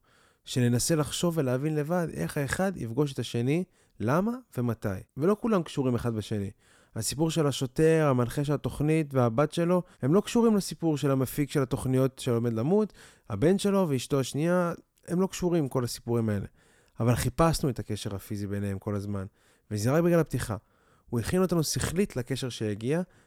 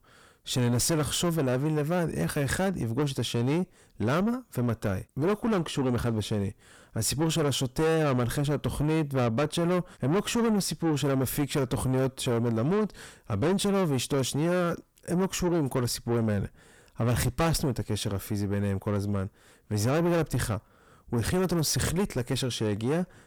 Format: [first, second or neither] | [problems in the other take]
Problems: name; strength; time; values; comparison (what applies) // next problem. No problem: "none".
first | distortion; heavy; 7 dB below the speech